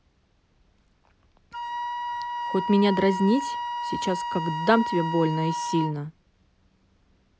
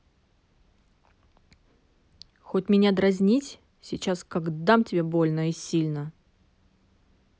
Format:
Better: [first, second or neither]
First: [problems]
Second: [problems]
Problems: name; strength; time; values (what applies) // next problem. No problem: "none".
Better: second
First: background sound (Wind instrument, woodwind instrument); 5 dB below the speech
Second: none